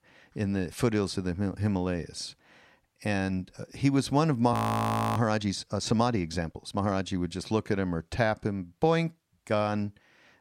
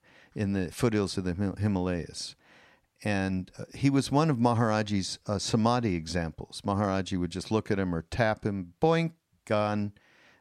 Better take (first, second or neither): second